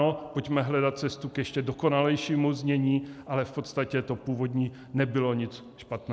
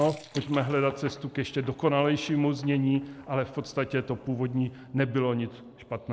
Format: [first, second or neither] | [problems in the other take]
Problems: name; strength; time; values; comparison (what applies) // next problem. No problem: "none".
first | noise reduction (neural mask model Resemble Enhance denoiser)